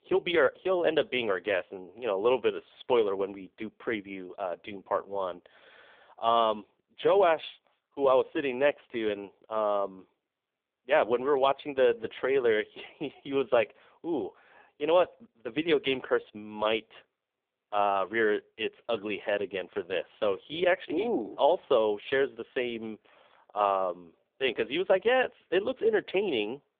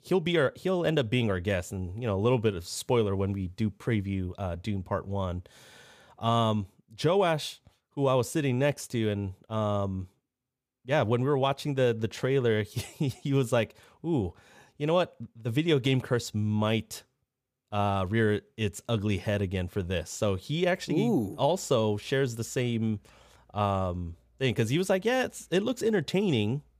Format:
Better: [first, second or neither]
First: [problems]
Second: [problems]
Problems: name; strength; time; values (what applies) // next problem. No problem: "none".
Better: second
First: phone-call audio; poor line; nothing above 3.5 kHz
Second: none